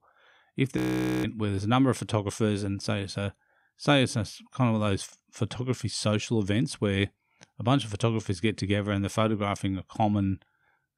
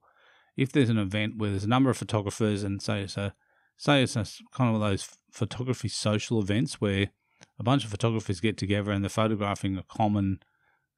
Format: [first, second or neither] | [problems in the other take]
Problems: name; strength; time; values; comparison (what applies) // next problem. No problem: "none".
second | audio freezing; at 1 s